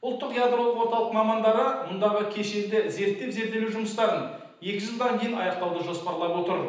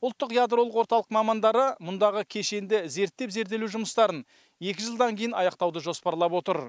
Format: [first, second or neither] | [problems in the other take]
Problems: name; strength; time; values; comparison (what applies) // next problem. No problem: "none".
second | room echo; dies away in 0.9 s